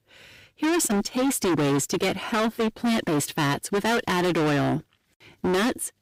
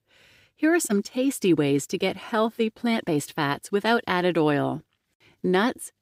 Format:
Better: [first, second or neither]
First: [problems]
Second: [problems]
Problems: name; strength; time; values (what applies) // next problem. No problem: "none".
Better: second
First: distortion; heavy; 27% of the sound clipped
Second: none